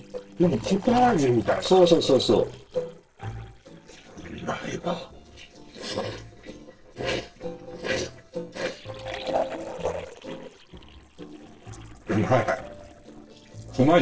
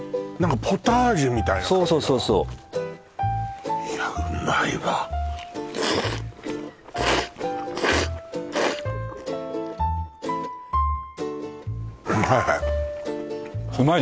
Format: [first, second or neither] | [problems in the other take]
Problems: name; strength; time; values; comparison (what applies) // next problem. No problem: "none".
second | noise reduction (neural separator model SepFormer DNS4)